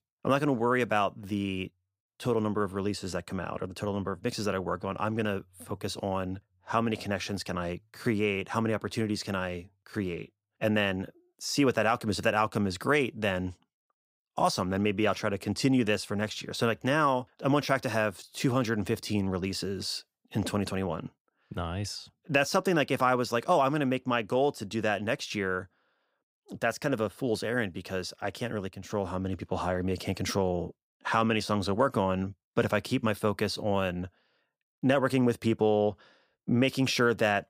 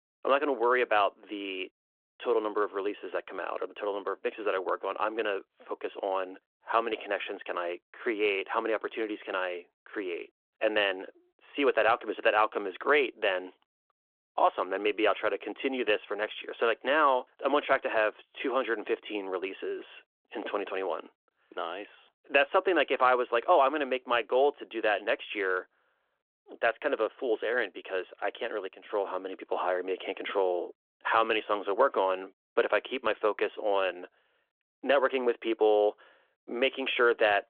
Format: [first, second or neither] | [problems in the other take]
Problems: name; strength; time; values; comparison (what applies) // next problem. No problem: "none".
first | phone-call audio